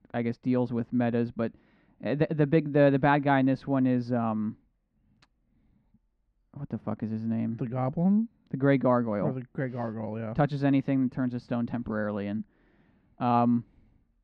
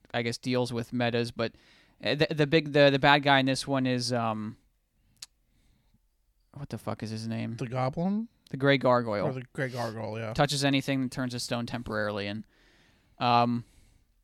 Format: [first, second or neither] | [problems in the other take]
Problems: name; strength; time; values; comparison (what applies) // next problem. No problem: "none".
second | muffled; very; fading above 1.5 kHz